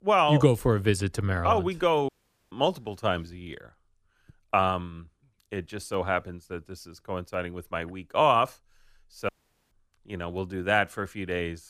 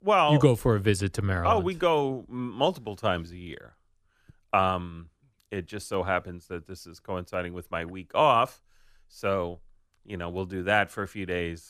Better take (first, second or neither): second